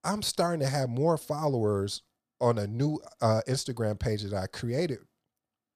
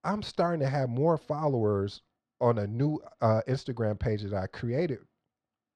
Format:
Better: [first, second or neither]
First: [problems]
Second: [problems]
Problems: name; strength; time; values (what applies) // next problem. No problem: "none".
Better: first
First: none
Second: muffled; slightly; fading above 2.5 kHz